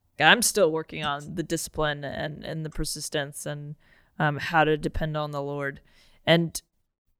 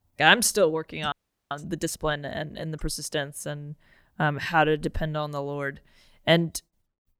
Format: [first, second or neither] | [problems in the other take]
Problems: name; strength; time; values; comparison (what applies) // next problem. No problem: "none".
first | audio freezing; at 1 s